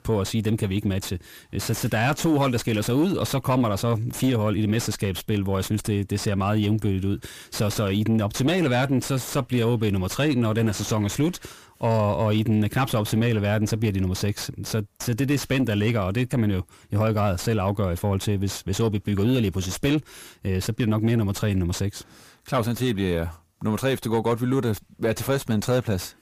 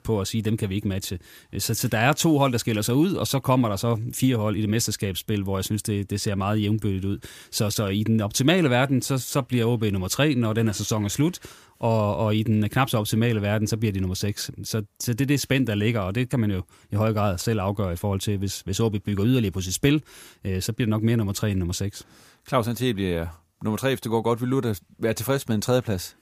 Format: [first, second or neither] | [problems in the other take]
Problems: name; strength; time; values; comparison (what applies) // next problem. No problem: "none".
second | distortion; slight; 10 dB below the speech